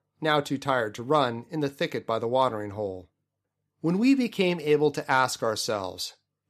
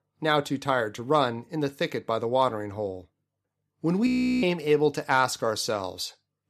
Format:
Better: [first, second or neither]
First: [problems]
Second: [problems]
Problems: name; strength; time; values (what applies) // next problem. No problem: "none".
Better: first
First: none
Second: audio freezing; at 4 s